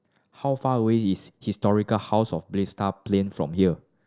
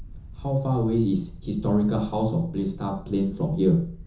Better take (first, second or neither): first